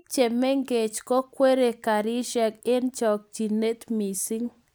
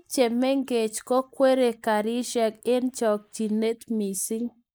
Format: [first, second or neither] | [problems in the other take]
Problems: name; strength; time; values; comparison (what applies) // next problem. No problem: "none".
first | noise reduction (neural mask model Resemble Enhance denoiser)